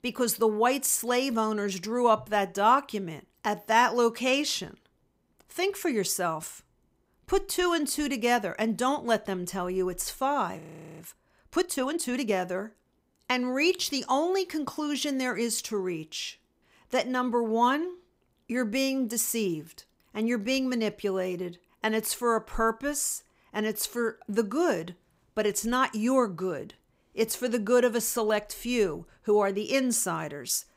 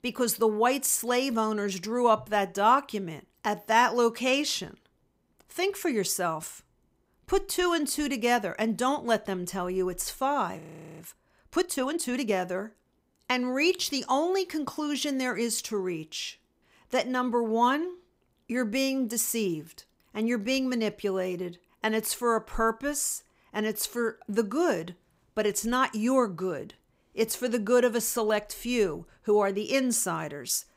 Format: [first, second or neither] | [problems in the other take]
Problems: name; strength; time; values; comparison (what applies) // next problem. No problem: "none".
neither | audio freezing; at 11 s; the same in both